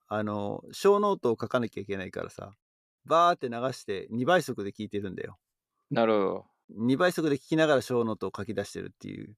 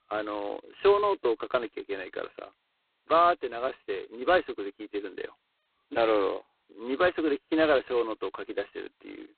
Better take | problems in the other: first | phone-call audio; poor line; nothing above 4 kHz

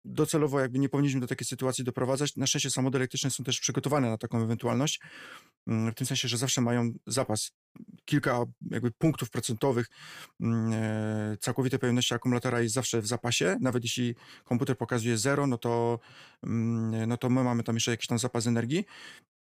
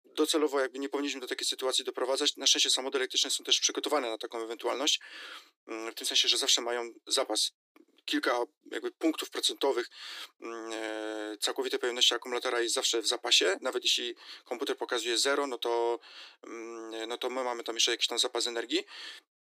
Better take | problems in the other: first | thin; very; fading below 300 Hz

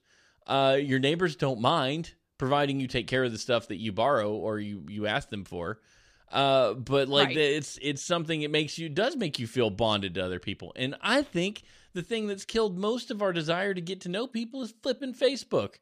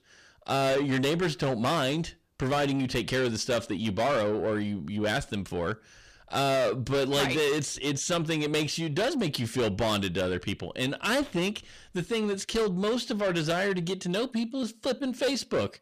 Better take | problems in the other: first | distortion; heavy; 7 dB below the speech

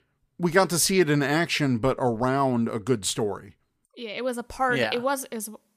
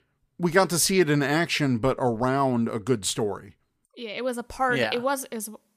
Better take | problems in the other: neither | none

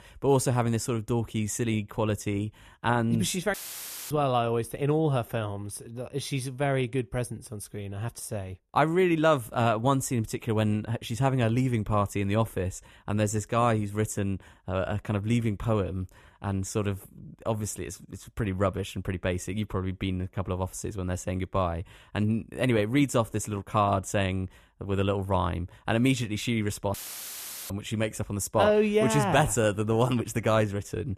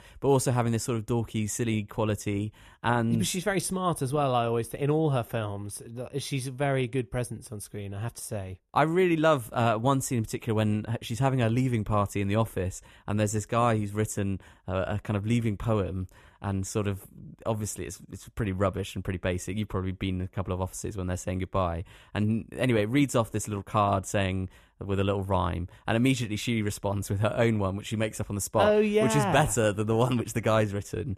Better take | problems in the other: second | audio cutting out; filled with static; at 3.5 s for 0.5 s and at 27 s for 1 s

